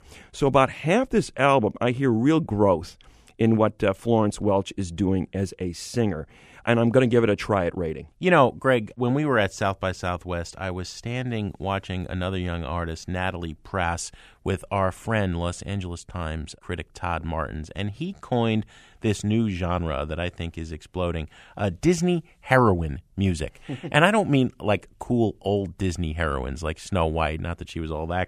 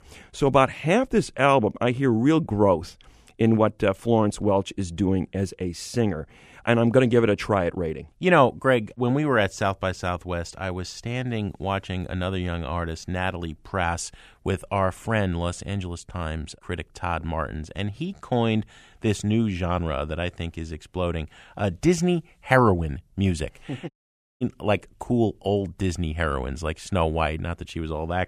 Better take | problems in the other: first | audio cutting out; at 24 s for 0.5 s

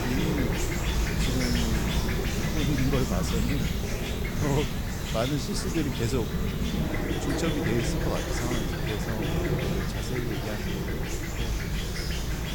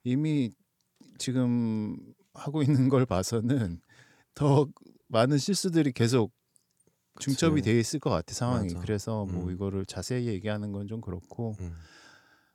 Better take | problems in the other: second | animal sounds; very loud; throughout; 3 dB above the speech

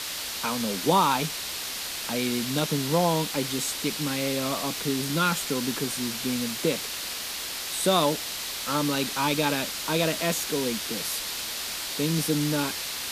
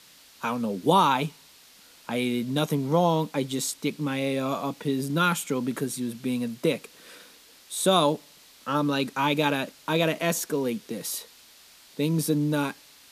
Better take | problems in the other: second | hiss; loud; throughout; 3 dB below the speech; faint in the second

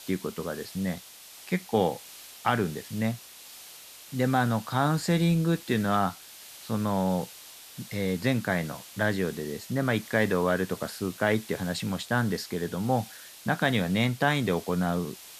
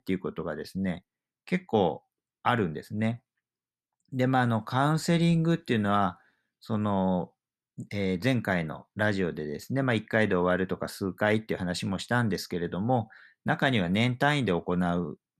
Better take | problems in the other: second | hiss; noticeable; throughout; 15 dB below the speech

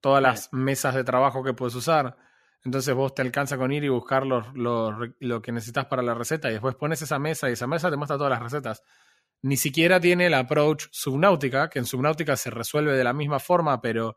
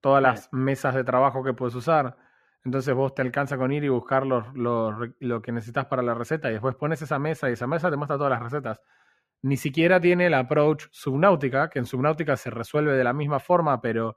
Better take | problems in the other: first | muffled; slightly; fading above 3 kHz

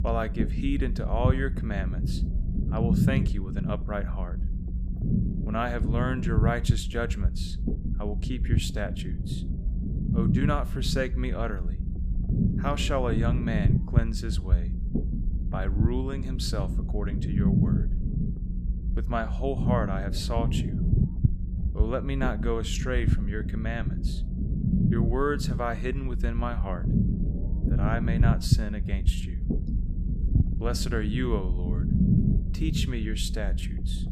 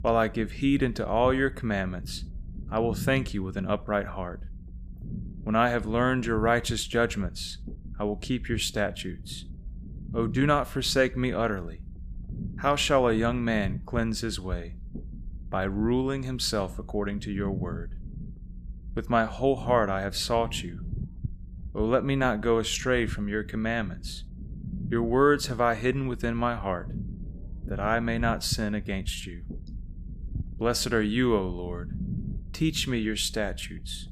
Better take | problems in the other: second | low rumble; loud; throughout; 6 dB below the speech; faint in the second

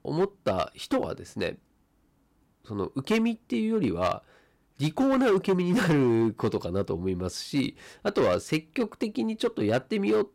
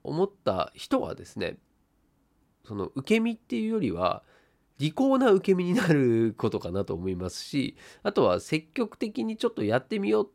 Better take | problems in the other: second | distortion; slight; 6% of the sound clipped

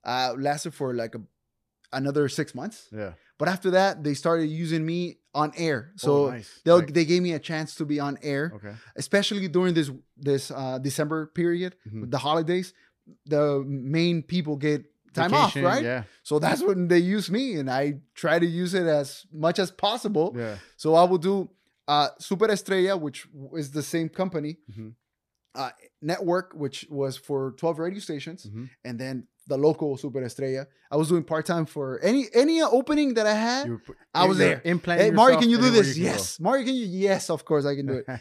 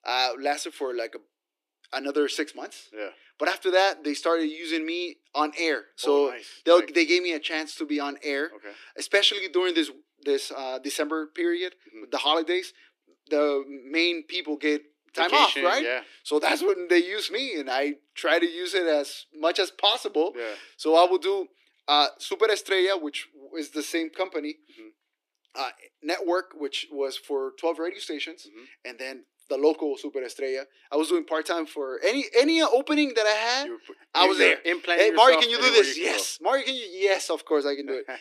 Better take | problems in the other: first | thin; somewhat; fading below 300 Hz

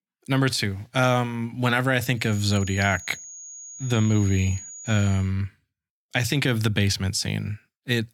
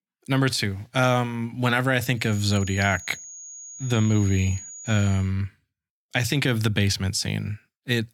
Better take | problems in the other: neither | high-pitched whine; noticeable; from 2.5 to 5 s; 6.5 kHz, 15 dB below the speech; the same in both

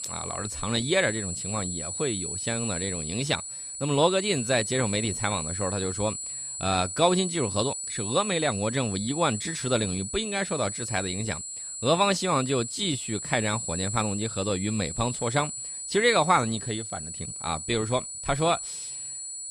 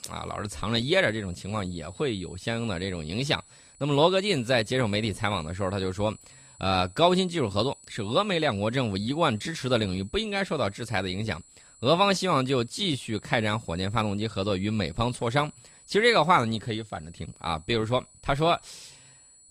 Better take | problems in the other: second | high-pitched whine; loud; throughout; 8 kHz, 5 dB below the speech; faint in the second

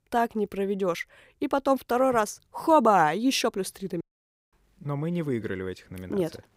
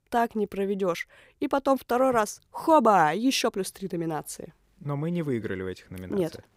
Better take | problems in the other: second | audio cutting out; at 4 s for 0.5 s

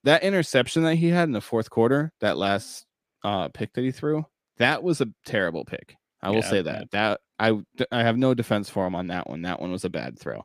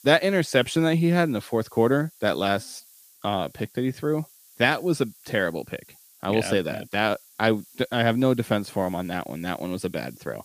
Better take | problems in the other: first | hiss; faint; throughout; 25 dB below the speech

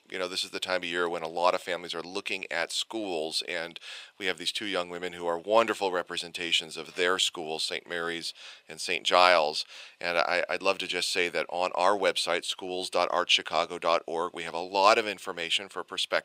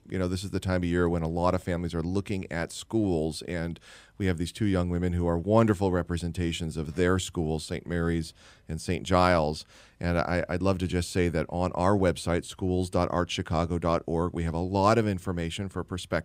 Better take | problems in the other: second | thin; very; fading below 600 Hz

